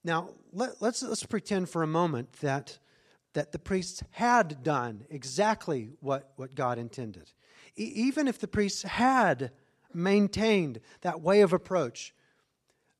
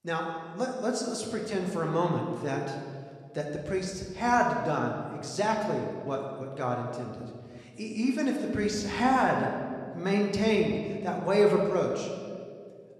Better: first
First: none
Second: room echo; noticeable; dies away in 1.6 s // off-mic speech; somewhat distant

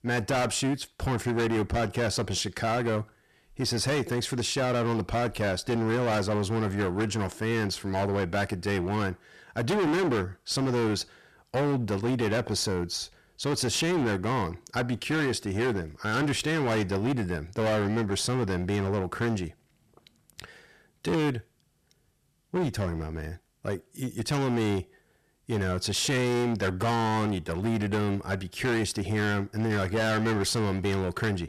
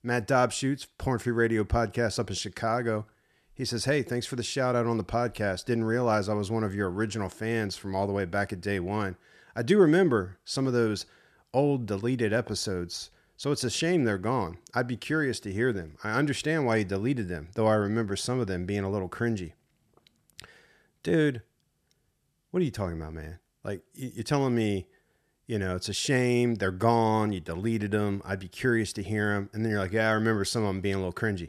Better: second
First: distortion; heavy; 20% of the sound clipped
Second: none

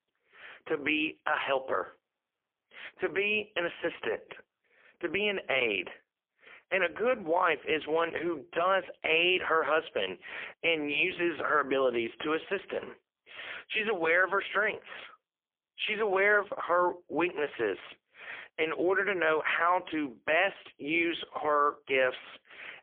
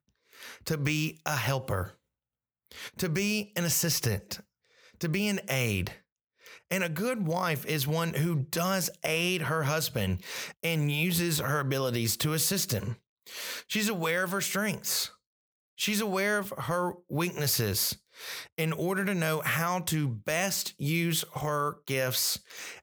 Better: second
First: phone-call audio; poor line; nothing above 3 kHz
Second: none

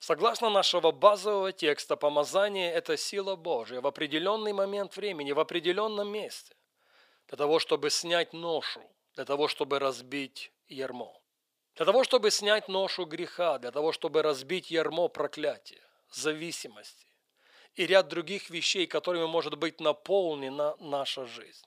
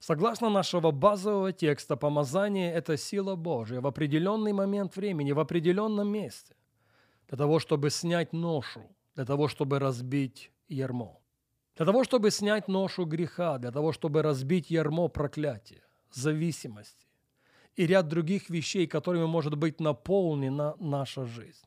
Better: second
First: thin; very; fading below 500 Hz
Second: none

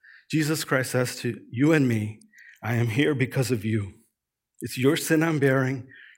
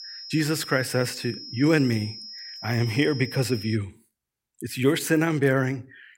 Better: first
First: none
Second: high-pitched whine; noticeable; until 4 s; 5 kHz, 10 dB below the speech

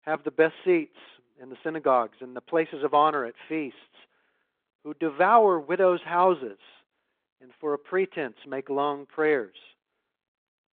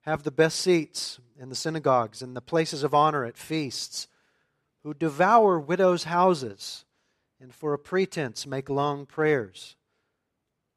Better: second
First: phone-call audio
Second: none

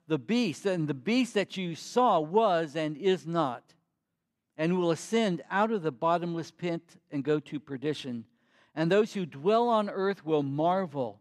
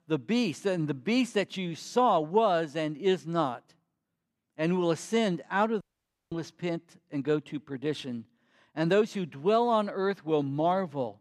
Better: first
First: none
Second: audio cutting out; at 6 s for 0.5 s

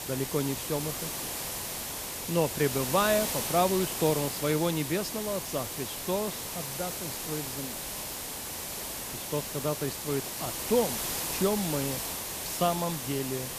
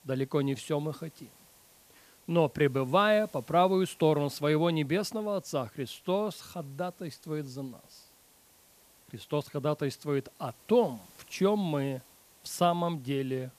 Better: second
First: hiss; loud; throughout; 2 dB below the speech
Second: hiss; faint; throughout; 25 dB below the speech

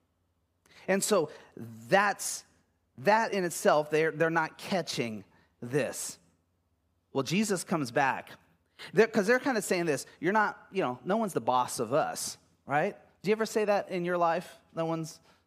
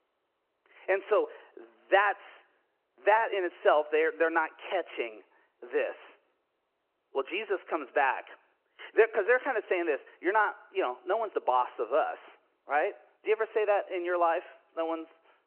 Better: first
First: none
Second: phone-call audio

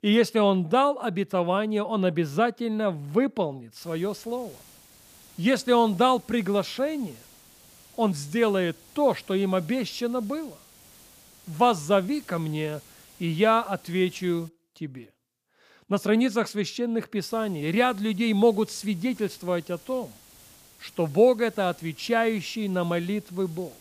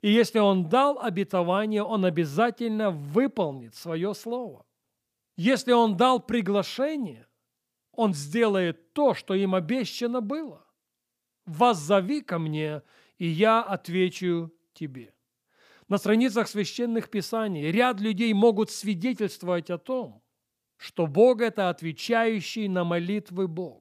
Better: second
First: hiss; faint; from 4 to 14 s and from 17 s on; 25 dB below the speech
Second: none

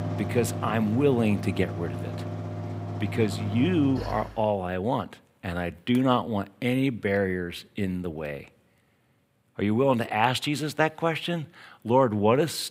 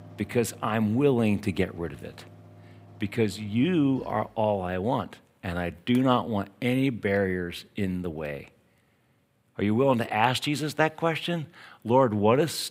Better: second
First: machinery noise; loud; until 4 s; 7 dB below the speech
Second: machinery noise; faint; until 4 s; 25 dB below the speech

